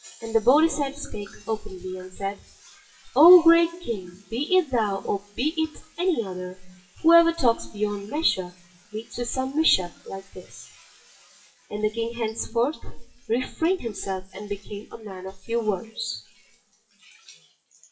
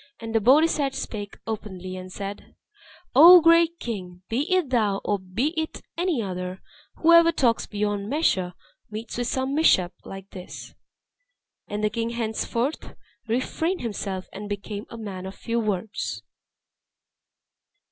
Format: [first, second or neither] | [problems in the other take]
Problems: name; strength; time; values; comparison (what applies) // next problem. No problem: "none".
second | noise reduction (classical method WPE with log-MMSE)